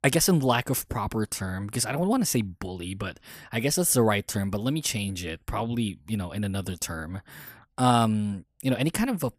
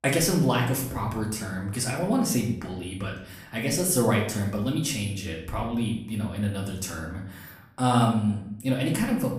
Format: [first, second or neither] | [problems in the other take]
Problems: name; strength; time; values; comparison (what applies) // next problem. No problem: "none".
first | room echo; slight; dies away in 0.6 s // off-mic speech; somewhat distant